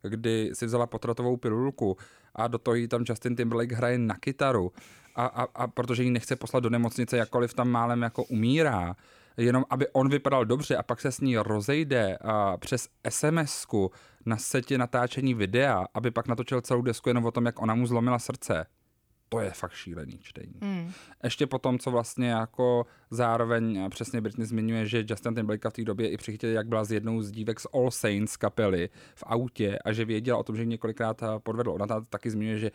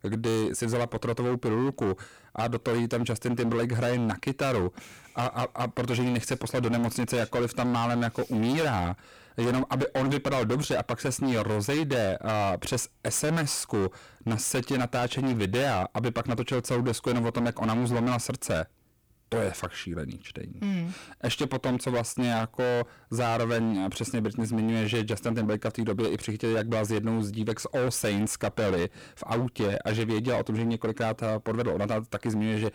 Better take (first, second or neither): first